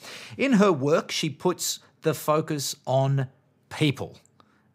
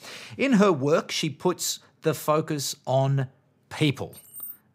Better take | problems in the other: first | jangling keys; faint; at 4 s; peak 10 dB below the speech

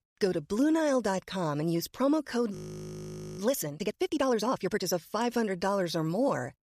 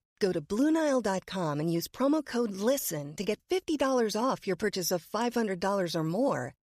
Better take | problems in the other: second | audio freezing; at 2.5 s for 1 s

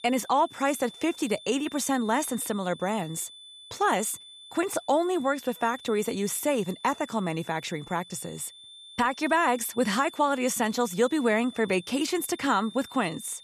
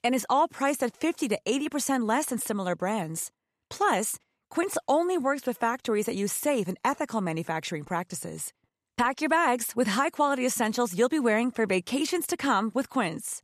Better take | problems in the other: second | high-pitched whine; noticeable; throughout; 3.5 kHz, 20 dB below the speech

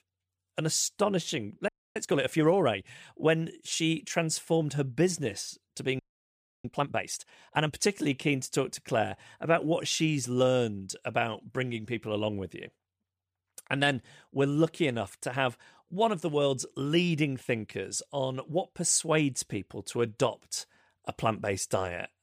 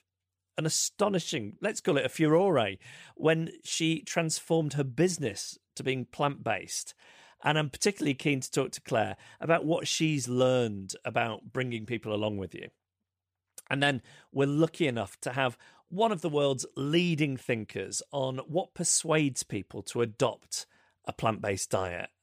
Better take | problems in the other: second | audio freezing; at 1.5 s and at 6 s for 0.5 s

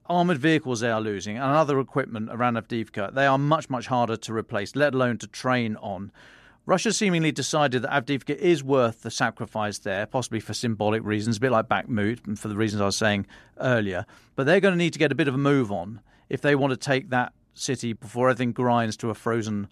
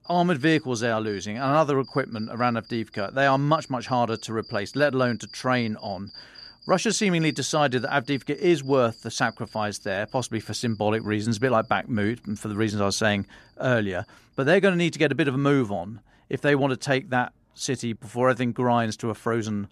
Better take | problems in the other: first | animal sounds; faint; throughout; 20 dB below the speech

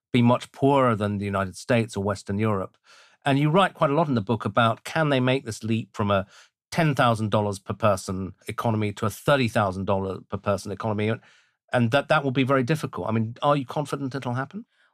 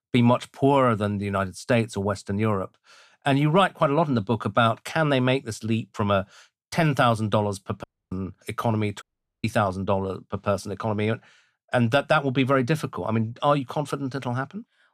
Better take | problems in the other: first | audio cutting out; at 8 s and at 9 s

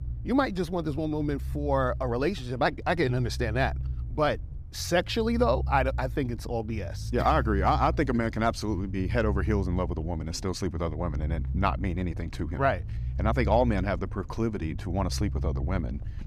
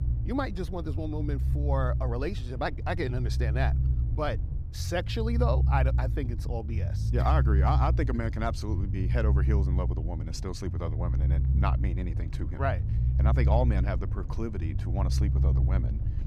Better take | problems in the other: first | low rumble; loud; throughout; 9 dB below the speech; faint in the first

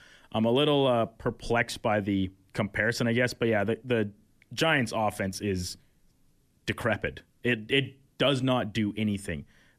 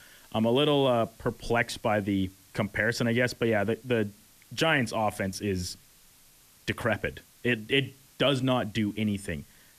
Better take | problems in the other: first | hiss; faint; throughout; 25 dB below the speech

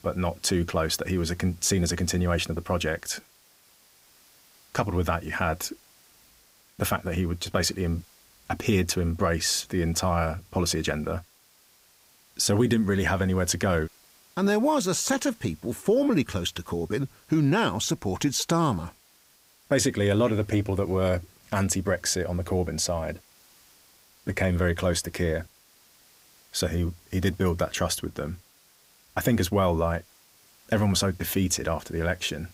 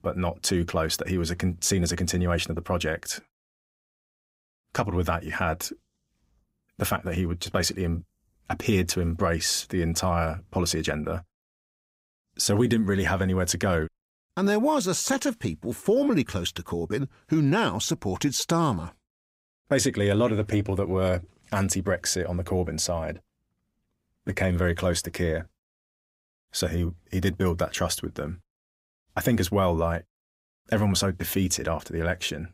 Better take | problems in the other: second | hiss; faint; throughout; 30 dB below the speech

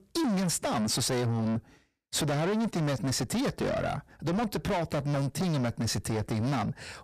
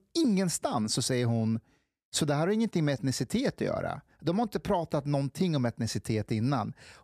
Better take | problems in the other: second | distortion; heavy; 6 dB below the speech

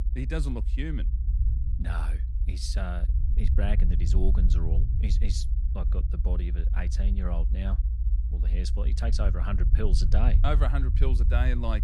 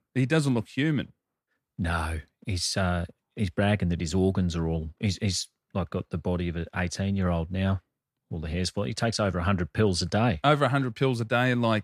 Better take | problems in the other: second | low rumble; loud; throughout; 8 dB below the speech

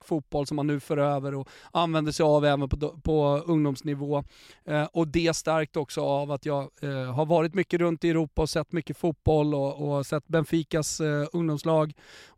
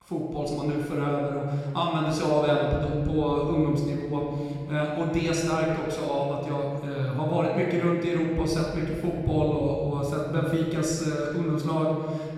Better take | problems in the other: first | off-mic speech; somewhat distant // room echo; noticeable; dies away in 2.1 s

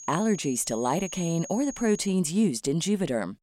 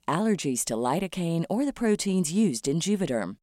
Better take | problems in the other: second | high-pitched whine; noticeable; until 2 s; 6.5 kHz, 15 dB below the speech

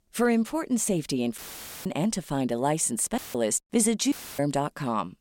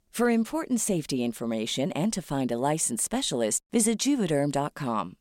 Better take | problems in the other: second | audio cutting out; filled with static; at 1.5 s, at 3 s and at 4 s

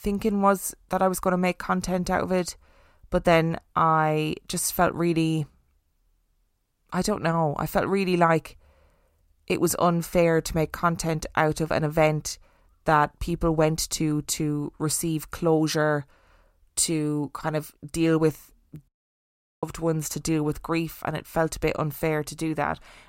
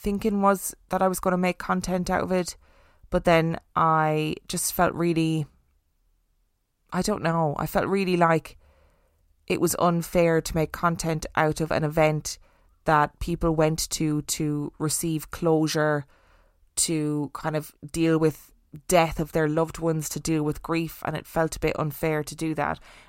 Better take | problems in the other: second | audio cutting out; at 19 s for 1 s

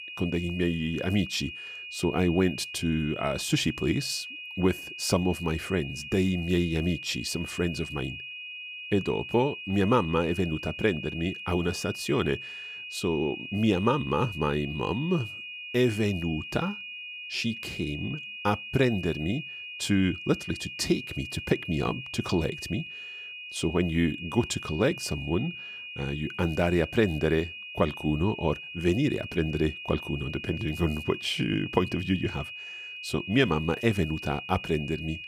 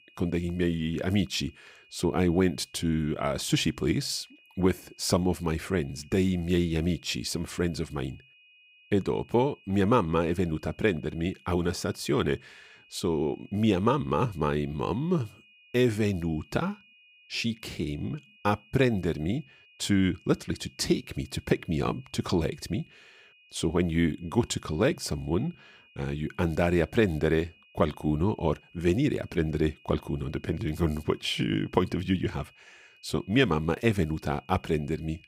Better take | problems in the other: second | high-pitched whine; loud; throughout; 2.5 kHz, 9 dB below the speech; faint in the second

